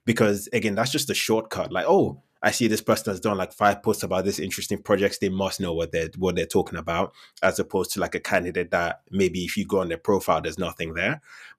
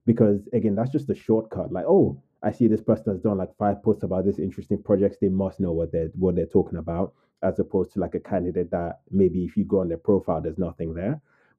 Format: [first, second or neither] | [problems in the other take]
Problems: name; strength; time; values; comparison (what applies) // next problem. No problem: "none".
first | muffled; very; fading above 1 kHz